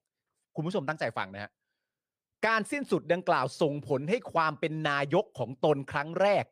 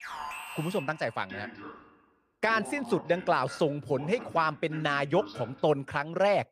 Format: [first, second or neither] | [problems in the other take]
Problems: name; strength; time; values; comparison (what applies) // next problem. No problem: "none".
first | alarm; noticeable; until 5.5 s; peak 8 dB below the speech